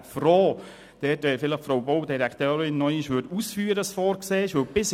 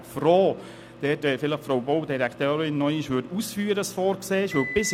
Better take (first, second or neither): first